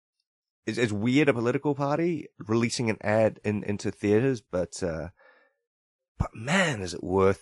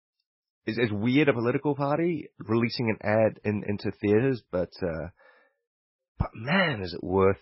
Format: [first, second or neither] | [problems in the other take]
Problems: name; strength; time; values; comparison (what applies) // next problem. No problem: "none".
first | garbled, watery; badly; nothing above 5.5 kHz; slightly in the first